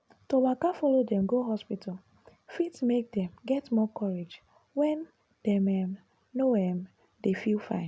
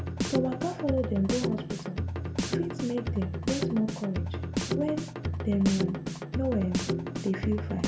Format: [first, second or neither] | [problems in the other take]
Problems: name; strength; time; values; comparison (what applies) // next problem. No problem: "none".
first | background sound (Drum kit); as loud as the speech // room echo; dies away in 0.6 s